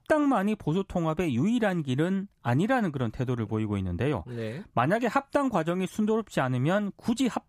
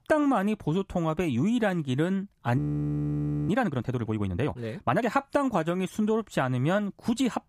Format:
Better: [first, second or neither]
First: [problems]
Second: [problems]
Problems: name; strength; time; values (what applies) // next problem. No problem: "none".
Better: first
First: none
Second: audio freezing; at 2.5 s for 1 s